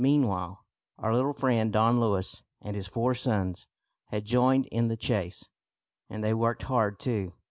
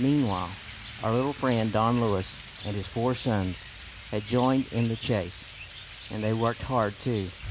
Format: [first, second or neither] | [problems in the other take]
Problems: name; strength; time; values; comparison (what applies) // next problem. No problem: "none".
first | background sound (Rain); 15 dB below the speech